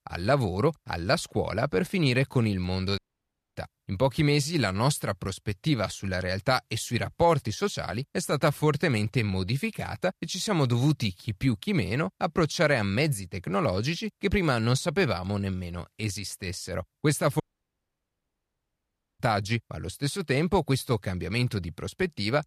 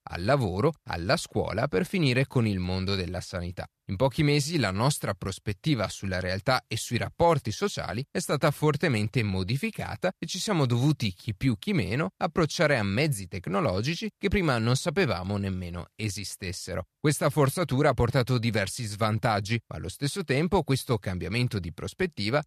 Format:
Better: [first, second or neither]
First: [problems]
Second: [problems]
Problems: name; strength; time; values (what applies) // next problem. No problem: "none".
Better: second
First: audio cutting out; at 3 s for 0.5 s and at 17 s for 2 s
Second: none